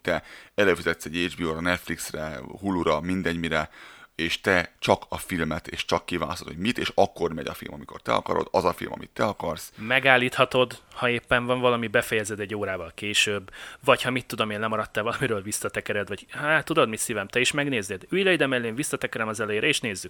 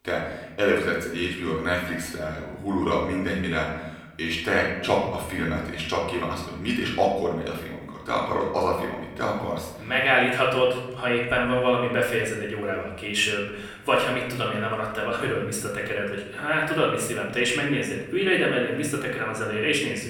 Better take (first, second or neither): first